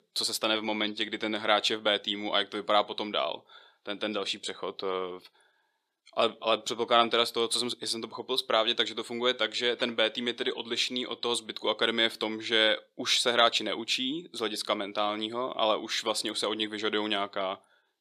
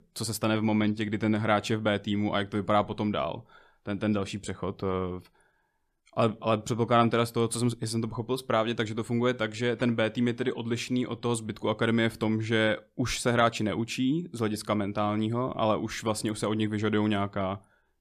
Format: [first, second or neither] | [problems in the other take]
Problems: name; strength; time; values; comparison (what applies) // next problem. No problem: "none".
second | thin; somewhat; fading below 450 Hz